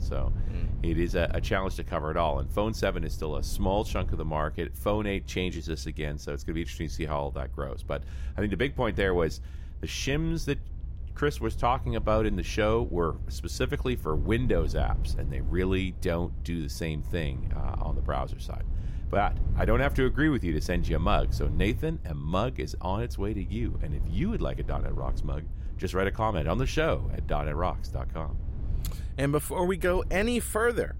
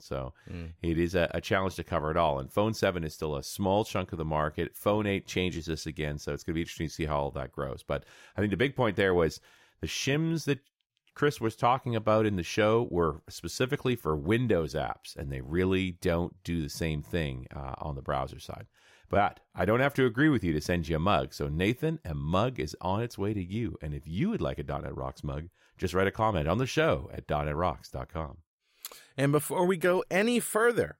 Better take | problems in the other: second | low rumble; faint; throughout; 20 dB below the speech

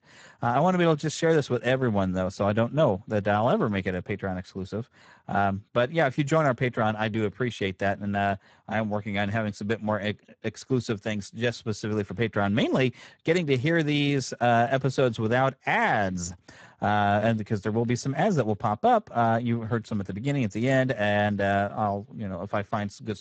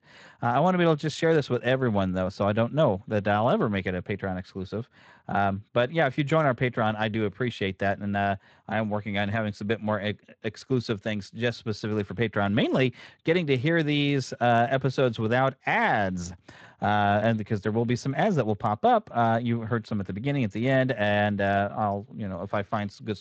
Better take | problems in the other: second | garbled, watery; badly; nothing above 7.5 kHz; slightly in the second

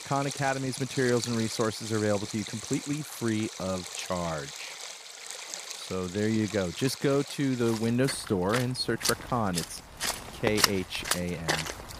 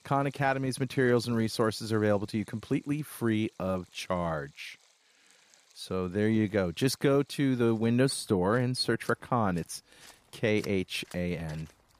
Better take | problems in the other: second | rain or running water; loud; throughout; 5 dB below the speech; faint in the second

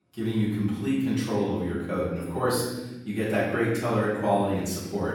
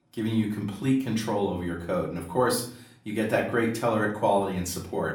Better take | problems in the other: second | room echo; strong; dies away in 1.3 s; slight in the second // off-mic speech; far; far in the second

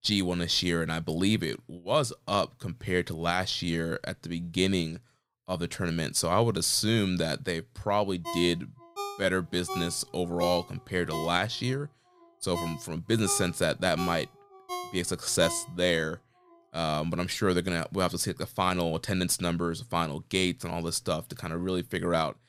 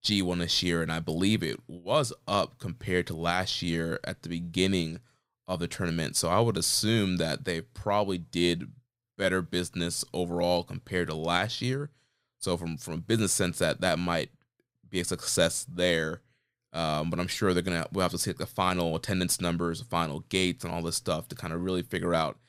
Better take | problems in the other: second | phone ringing; noticeable; from 8.5 to 16 s; peak 9 dB below the speech

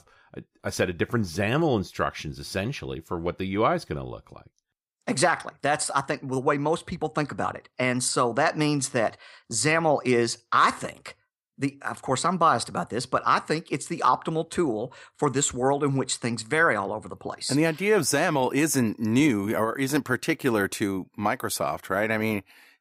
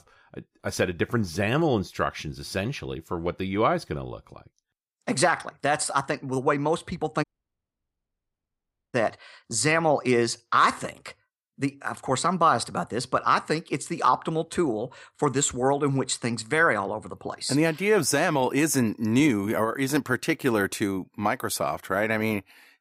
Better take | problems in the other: first | audio cutting out; at 7 s for 1.5 s

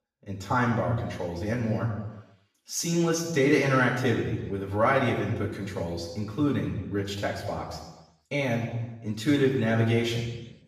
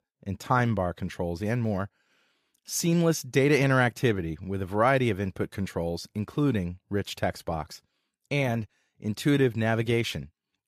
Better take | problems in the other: second | room echo; noticeable; dies away in 1 s // off-mic speech; far

